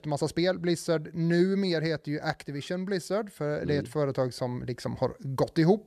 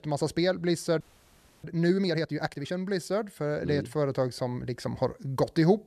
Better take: first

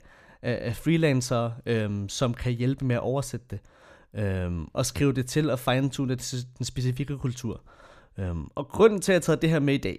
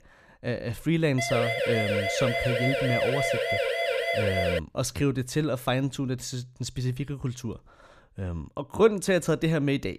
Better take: first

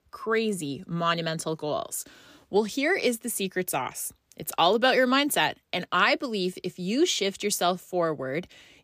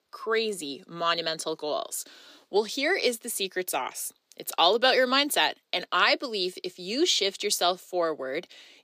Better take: first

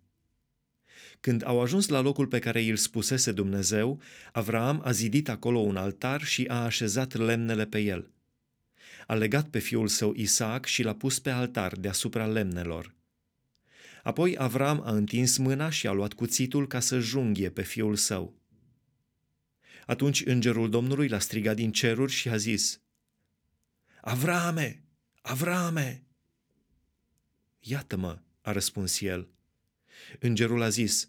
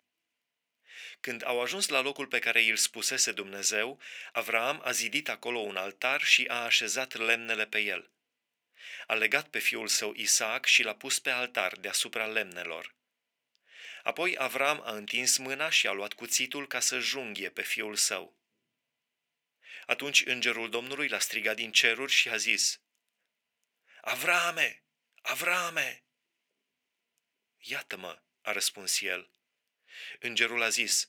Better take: first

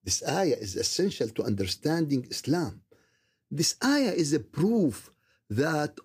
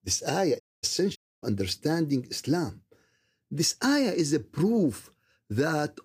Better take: first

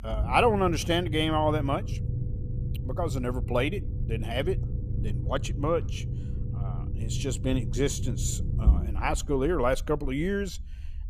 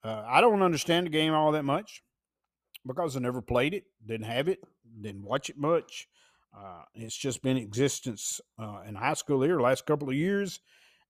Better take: second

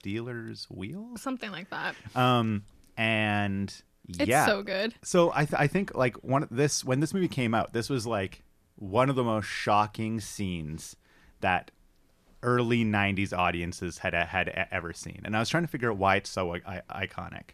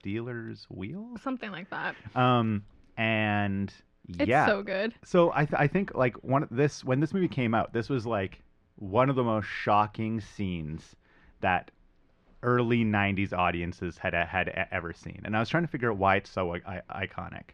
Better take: first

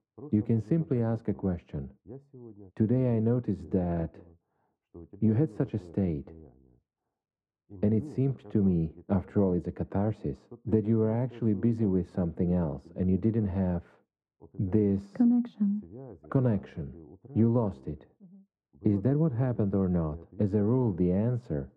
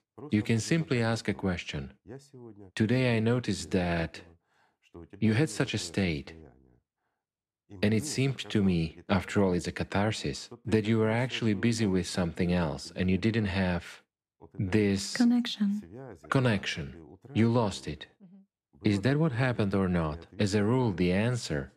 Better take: second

